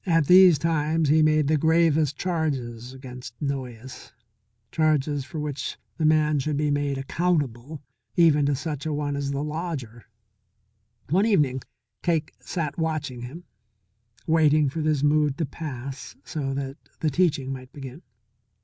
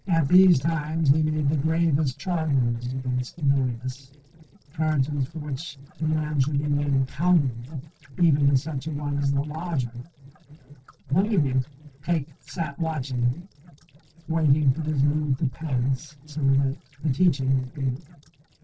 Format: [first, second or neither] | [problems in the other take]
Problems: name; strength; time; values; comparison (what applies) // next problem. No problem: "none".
first | noise reduction (neural separator model SepFormer DNS4)